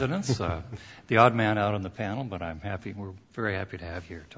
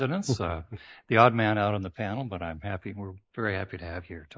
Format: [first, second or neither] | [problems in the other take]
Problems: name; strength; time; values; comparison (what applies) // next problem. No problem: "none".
first | noise reduction (neural mask model Resemble Enhance denoiser)